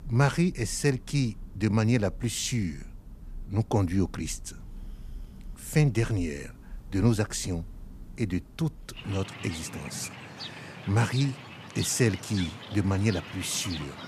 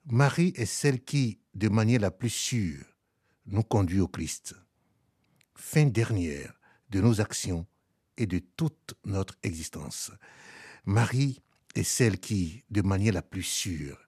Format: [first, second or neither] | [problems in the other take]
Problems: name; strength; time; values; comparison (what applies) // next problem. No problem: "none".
second | rain or running water; noticeable; throughout; 15 dB below the speech